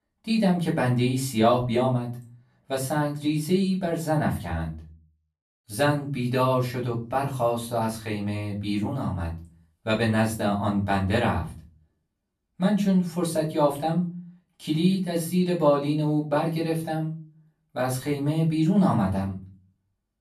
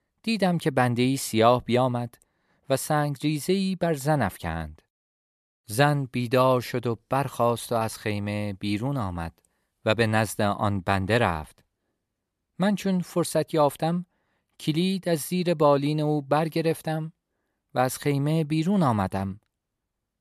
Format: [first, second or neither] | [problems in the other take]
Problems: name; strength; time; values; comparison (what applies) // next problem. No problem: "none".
second | off-mic speech; far // room echo; slight; dies away in 0.3 s